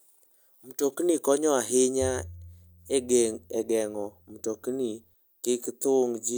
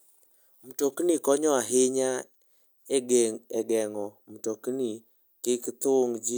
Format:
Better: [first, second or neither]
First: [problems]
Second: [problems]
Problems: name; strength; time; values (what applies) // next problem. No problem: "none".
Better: second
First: background sound (Bowed string instrument); 18 dB below the speech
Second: none